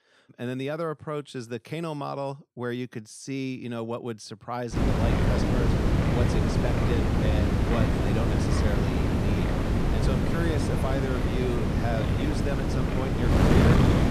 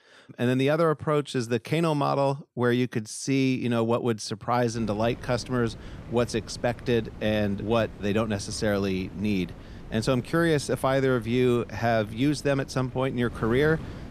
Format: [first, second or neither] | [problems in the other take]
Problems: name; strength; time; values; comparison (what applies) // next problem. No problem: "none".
second | wind noise on the microphone; heavy; from 4.5 s on; 4 dB above the speech; occasional gusts in the second